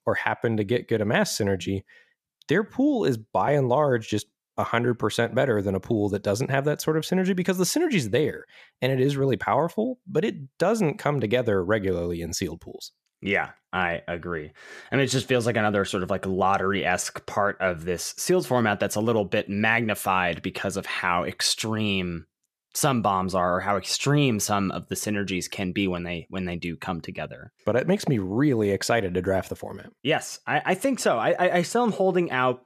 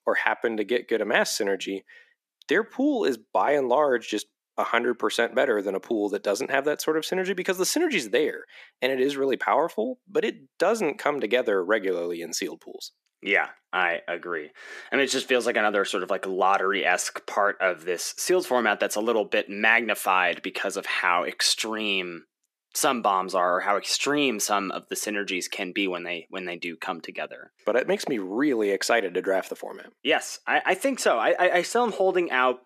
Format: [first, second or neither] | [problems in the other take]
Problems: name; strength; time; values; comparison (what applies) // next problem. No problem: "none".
first | thin; somewhat; fading below 250 Hz